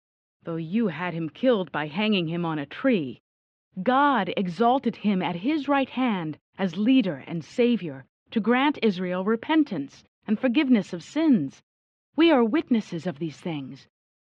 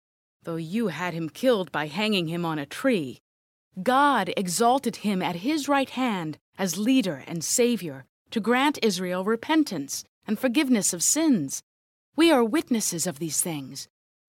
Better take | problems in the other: second | muffled; very; fading above 3 kHz

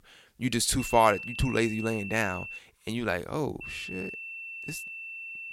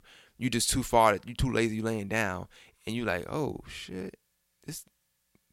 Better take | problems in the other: second | high-pitched whine; loud; from 1 to 2.5 s and from 3.5 s on; 2.5 kHz, 9 dB below the speech

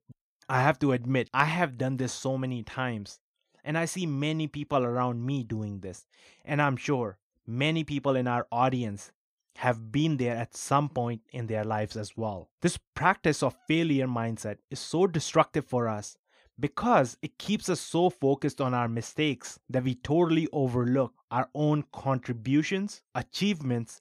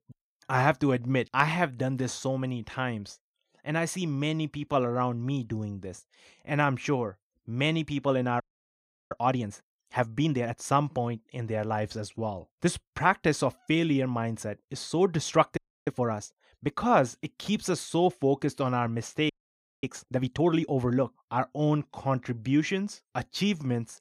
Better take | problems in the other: first | audio freezing; at 8.5 s for 0.5 s, at 16 s and at 19 s for 0.5 s

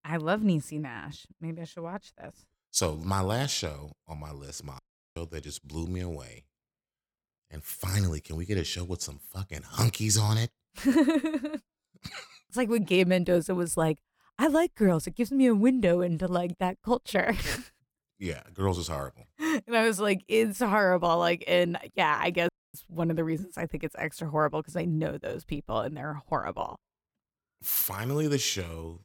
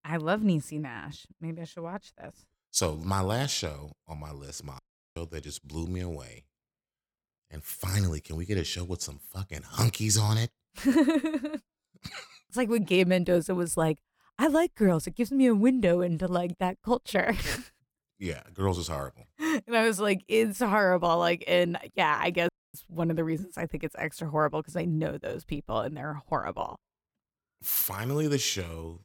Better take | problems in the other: neither | audio cutting out; at 5 s and at 22 s; the same in both

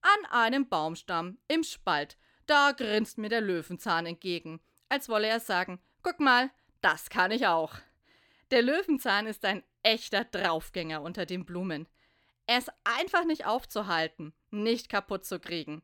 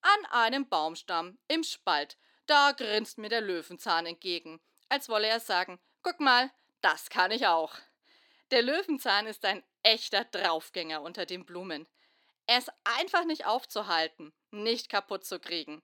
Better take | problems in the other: first | thin; very slightly; fading below 250 Hz

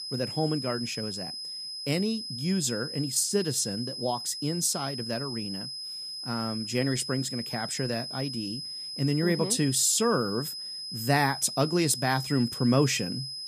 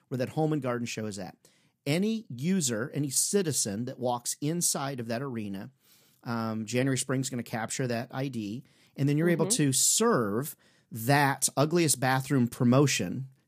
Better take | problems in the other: second | high-pitched whine; loud; throughout; 5 kHz, 7 dB below the speech

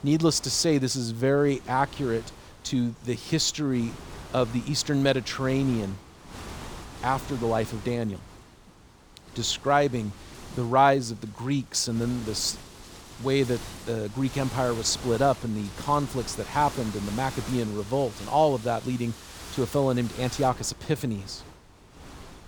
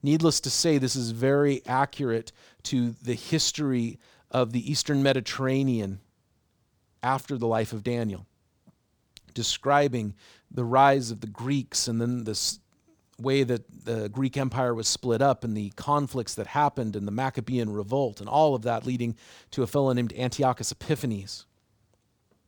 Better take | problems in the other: second | wind noise on the microphone; occasional gusts; 15 dB below the speech

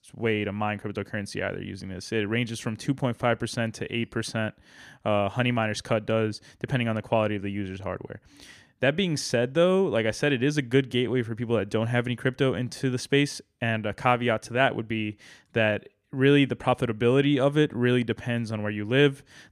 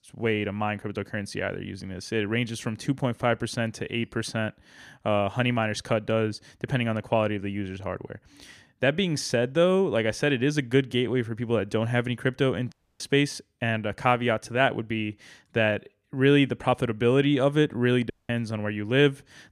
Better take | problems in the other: first | audio cutting out; at 13 s and at 18 s

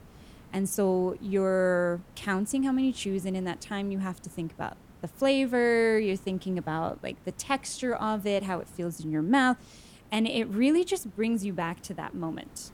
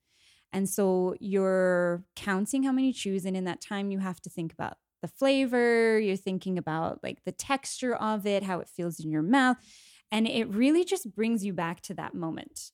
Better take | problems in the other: second | hiss; faint; throughout; 25 dB below the speech

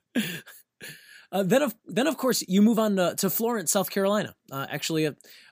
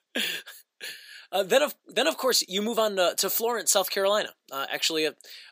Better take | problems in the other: first | thin; somewhat; fading below 500 Hz

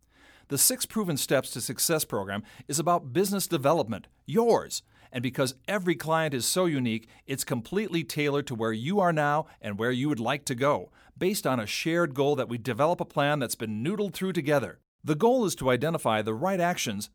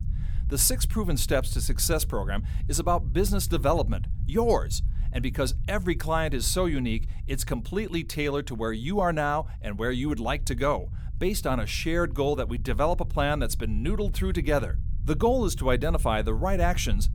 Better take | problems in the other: first | low rumble; faint; throughout; 20 dB below the speech

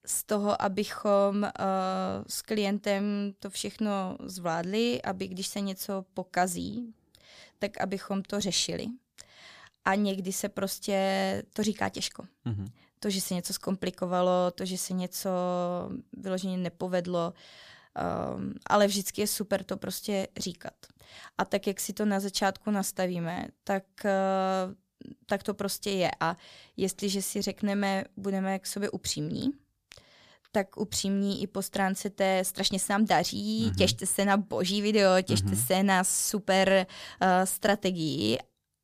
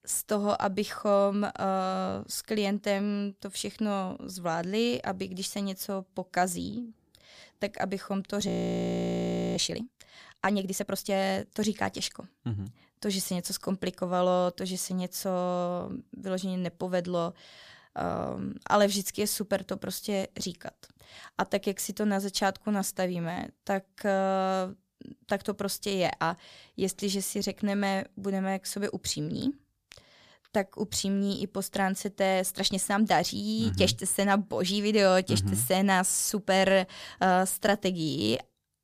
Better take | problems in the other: first | audio freezing; at 8.5 s for 1 s

